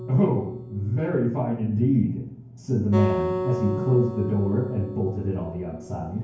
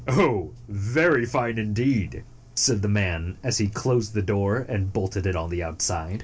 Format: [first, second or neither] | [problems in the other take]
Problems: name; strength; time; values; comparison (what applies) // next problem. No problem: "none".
second | background sound (Acoustic guitar); 9 dB below the speech // room echo; dies away in 0.9 s